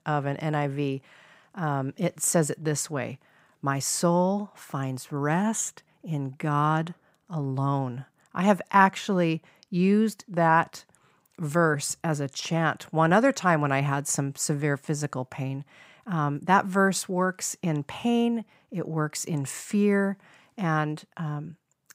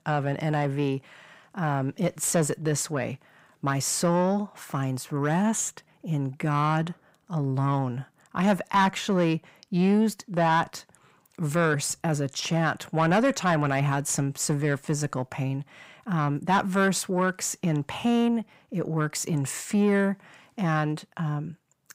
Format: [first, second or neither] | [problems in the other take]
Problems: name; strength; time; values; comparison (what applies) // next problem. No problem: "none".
first | distortion; slight; 10 dB below the speech